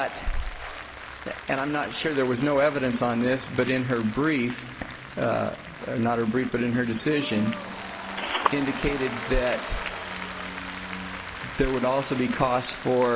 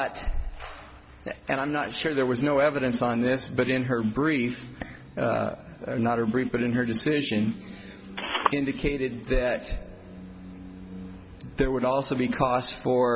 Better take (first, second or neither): second